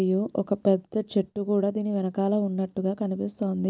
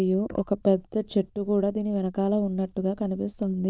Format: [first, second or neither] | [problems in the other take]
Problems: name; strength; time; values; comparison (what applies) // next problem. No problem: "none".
first | noise reduction (neural diffusion model UNIVERSE++)